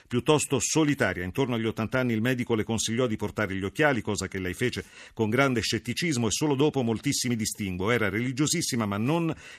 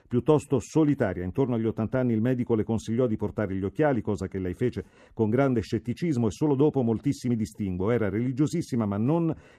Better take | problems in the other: first | muffled; slightly; fading above 1.5 kHz

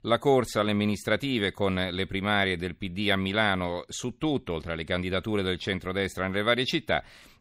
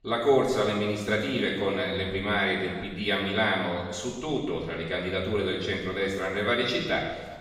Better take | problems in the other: first | room echo; noticeable; dies away in 1.2 s // off-mic speech; far

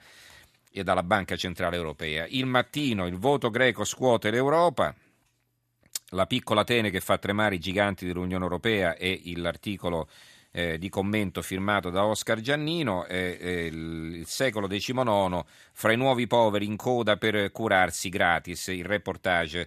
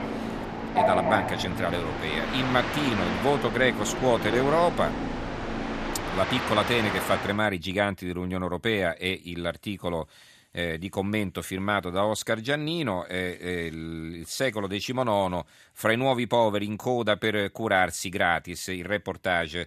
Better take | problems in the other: first | train or aircraft noise; loud; until 7.5 s; 3 dB below the speech

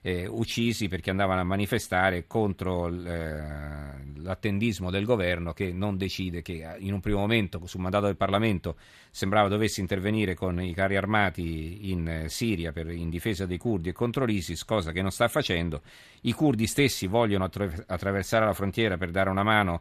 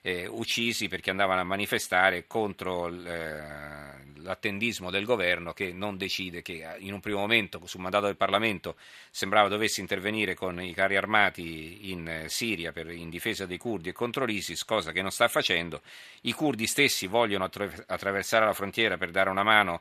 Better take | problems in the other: first | thin; somewhat; fading below 1 kHz

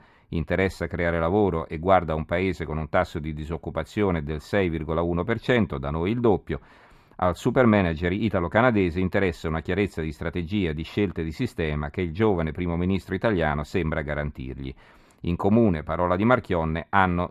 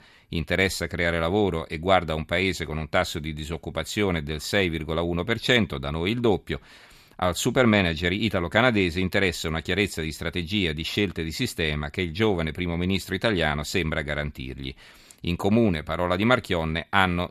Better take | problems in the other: second | muffled; slightly; fading above 2.5 kHz

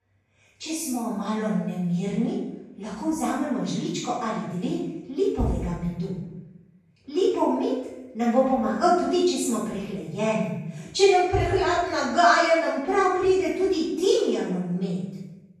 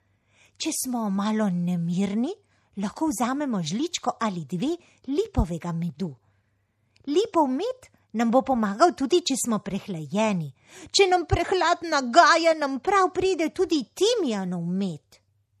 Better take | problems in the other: second | room echo; strong; dies away in 0.8 s // off-mic speech; far

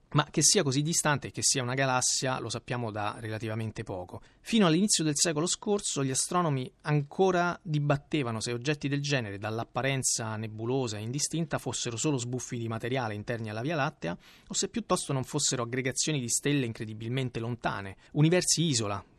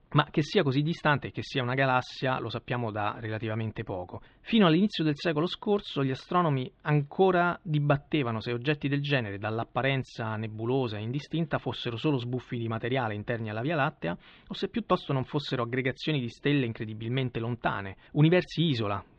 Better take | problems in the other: first | muffled; very; fading above 3.5 kHz

